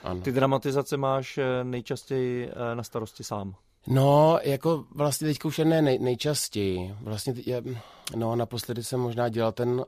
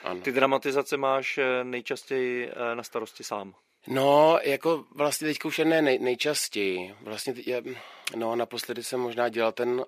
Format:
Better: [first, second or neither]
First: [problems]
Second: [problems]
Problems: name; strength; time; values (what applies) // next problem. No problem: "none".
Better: first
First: none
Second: thin; somewhat; fading below 350 Hz